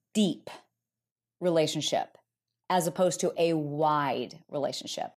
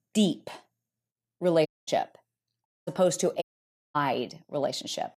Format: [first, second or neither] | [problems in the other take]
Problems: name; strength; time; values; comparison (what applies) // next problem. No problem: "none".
first | audio cutting out; at 1.5 s, at 2.5 s and at 3.5 s for 0.5 s